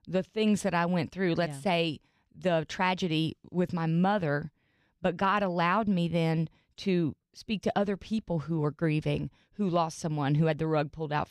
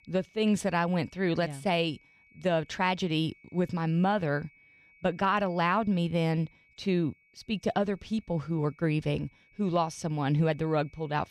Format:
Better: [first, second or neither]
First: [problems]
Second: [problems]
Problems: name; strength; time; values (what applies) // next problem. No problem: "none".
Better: first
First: none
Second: high-pitched whine; faint; throughout; 2.5 kHz, 30 dB below the speech